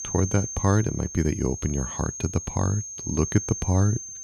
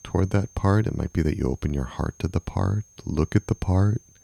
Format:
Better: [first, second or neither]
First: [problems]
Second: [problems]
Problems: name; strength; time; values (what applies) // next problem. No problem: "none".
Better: second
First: high-pitched whine; loud; throughout; 6.5 kHz, 7 dB below the speech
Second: high-pitched whine; faint; throughout; 6.5 kHz, 25 dB below the speech